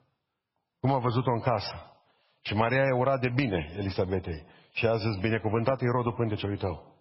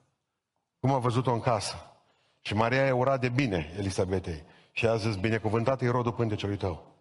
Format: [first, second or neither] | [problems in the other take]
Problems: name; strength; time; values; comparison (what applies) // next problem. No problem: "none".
second | garbled, watery; badly; nothing above 5.5 kHz; slightly in the second